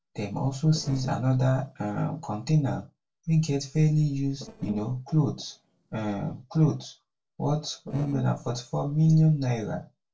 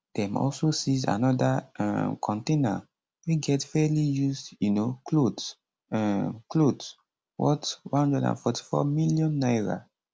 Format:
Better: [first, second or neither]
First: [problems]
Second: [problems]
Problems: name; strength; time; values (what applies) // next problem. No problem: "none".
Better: second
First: noise reduction (neural separator model SepFormer DNS4)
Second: none